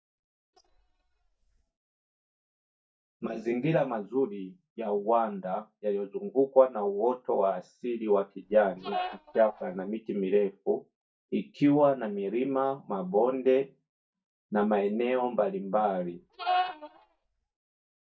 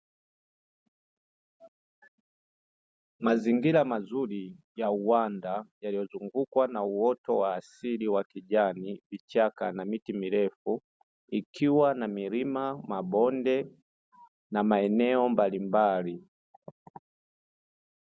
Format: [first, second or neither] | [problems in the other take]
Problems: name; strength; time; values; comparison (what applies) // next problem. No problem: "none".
second | noise reduction (neural mask model DeepFilterNet 3)